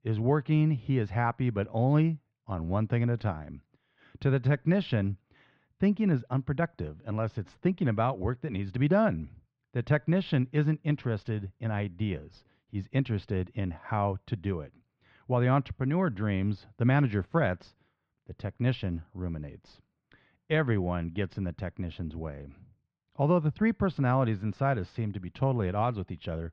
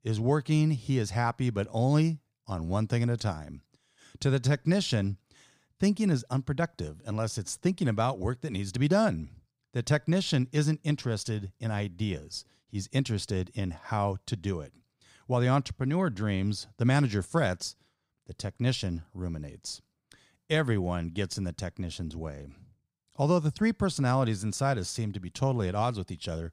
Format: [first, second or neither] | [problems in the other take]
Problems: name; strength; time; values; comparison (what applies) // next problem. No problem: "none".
second | muffled; very; fading above 3 kHz